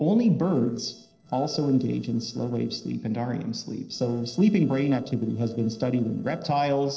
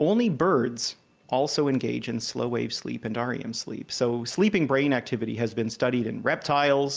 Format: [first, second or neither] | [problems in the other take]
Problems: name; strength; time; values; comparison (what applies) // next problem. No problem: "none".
second | noise reduction (neural separator model SepFormer DNS4)